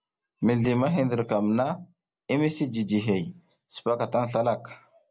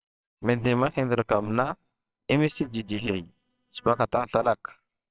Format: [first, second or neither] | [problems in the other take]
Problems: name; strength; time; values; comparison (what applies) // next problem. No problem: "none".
first | noise reduction (neural separator model SepFormer WHAMR!)